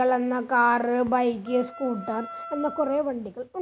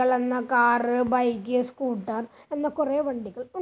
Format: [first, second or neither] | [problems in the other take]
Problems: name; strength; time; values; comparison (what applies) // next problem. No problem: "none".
second | background sound (Wind instrument, woodwind instrument); 14 dB below the speech